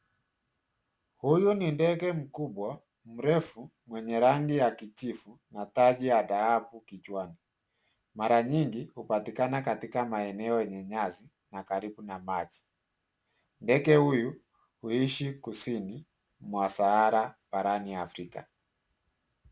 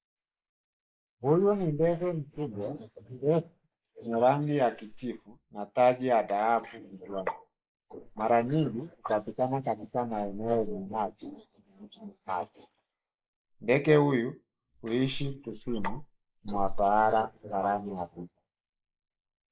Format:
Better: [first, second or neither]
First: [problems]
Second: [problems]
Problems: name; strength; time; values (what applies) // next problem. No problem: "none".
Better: first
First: none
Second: noise reduction (neural mask model Resemble Enhance denoiser)